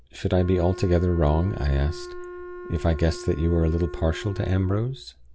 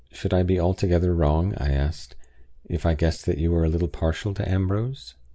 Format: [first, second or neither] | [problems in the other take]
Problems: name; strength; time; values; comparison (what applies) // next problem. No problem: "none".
second | background sound (Wind instrument, woodwind instrument); 15 dB below the speech